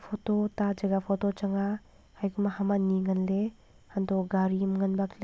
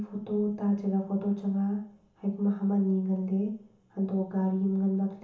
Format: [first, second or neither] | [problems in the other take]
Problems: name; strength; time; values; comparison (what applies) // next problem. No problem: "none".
first | room echo; dies away in 0.8 s